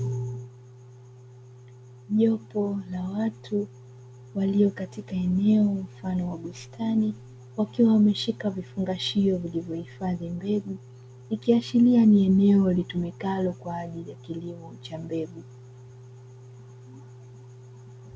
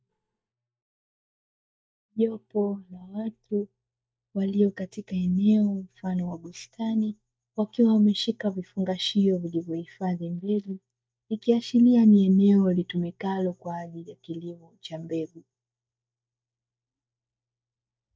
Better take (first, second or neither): first